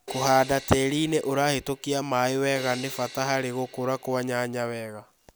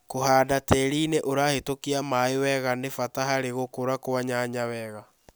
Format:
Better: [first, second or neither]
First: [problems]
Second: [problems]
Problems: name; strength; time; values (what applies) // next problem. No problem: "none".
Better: second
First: background sound (Crash cymbal); 18 dB below the speech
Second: none